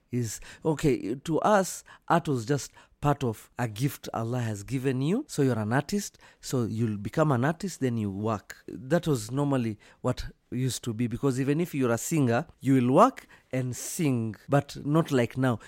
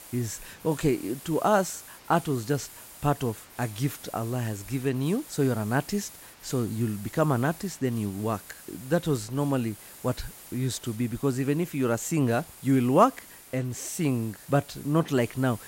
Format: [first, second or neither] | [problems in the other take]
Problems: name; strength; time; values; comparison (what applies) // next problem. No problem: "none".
first | hiss; noticeable; throughout; 15 dB below the speech